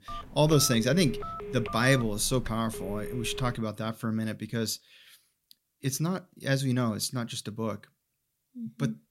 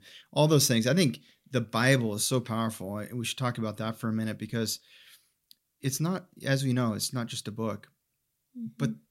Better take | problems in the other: second | phone ringing; noticeable; until 3.5 s; peak 8 dB below the speech

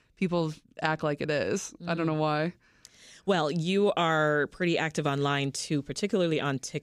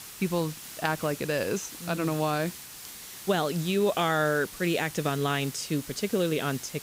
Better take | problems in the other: first | hiss; noticeable; throughout; 10 dB below the speech

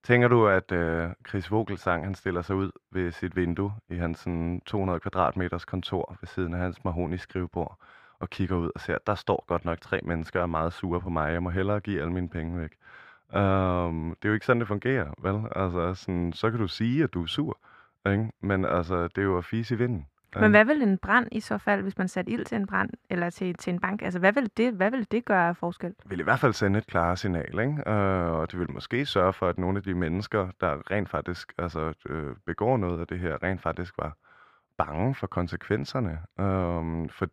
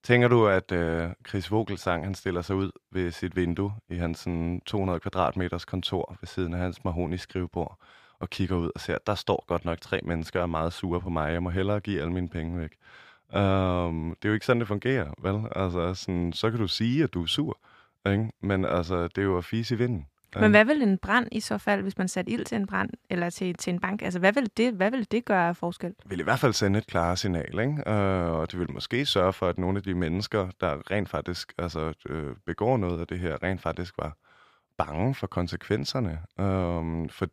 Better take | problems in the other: second | muffled; slightly; fading above 3 kHz

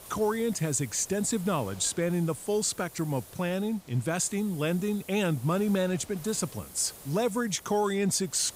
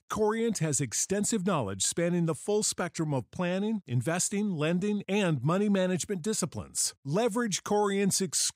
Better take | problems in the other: second | hiss; noticeable; throughout; 20 dB below the speech

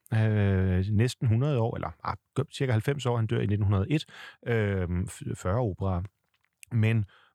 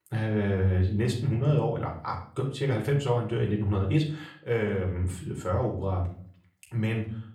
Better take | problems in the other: first | off-mic speech; somewhat distant // room echo; slight; dies away in 0.4 s

